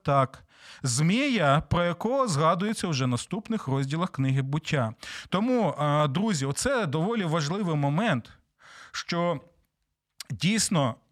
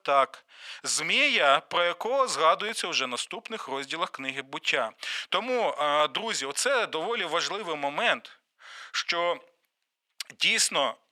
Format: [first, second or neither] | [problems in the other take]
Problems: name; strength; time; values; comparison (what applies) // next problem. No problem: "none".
first | thin; very; fading below 400 Hz